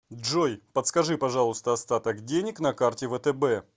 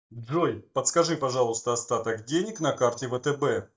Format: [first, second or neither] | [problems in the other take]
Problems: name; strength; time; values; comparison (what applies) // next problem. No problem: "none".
first | noise reduction (neural mask model DeepFilterNet 3)